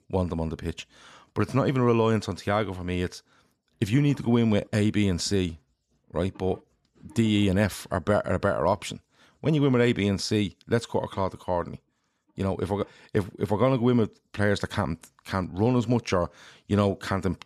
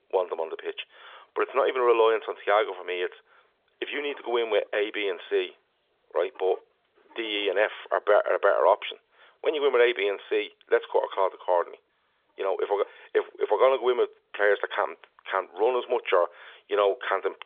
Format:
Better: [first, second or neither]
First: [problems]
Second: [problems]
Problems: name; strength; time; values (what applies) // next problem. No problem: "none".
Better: first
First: none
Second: phone-call audio; nothing above 3.5 kHz